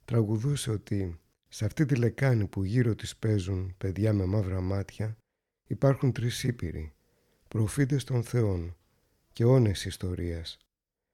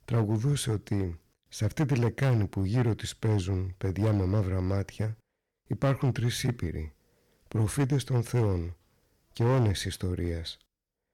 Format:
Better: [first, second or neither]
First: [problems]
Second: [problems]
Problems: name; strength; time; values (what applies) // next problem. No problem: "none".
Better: first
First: none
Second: distortion; slight; 7% of the sound clipped